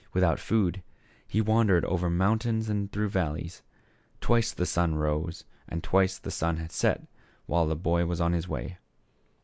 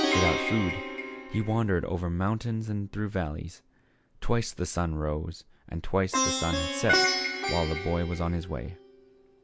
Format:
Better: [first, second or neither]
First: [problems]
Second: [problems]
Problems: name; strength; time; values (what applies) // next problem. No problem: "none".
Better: first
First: none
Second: background sound (Plucked string instrument); 3 dB below the speech